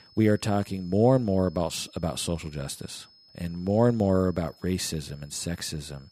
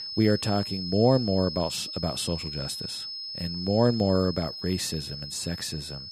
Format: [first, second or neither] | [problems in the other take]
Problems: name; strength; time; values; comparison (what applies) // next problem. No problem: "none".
first | high-pitched whine; loud; throughout; 5 kHz, 7 dB below the speech; faint in the first